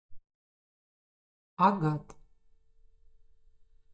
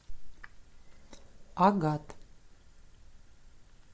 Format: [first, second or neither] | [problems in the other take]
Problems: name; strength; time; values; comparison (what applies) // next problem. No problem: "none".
second | noise reduction (neural mask model DeepFilterNet 3)